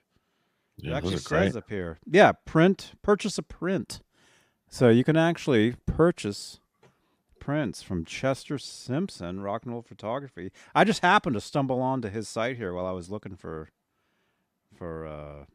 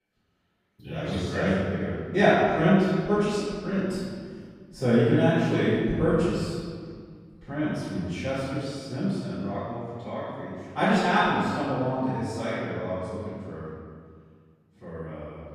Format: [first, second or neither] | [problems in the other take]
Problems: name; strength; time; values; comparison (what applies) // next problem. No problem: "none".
first | off-mic speech; far // room echo; strong; dies away in 1.8 s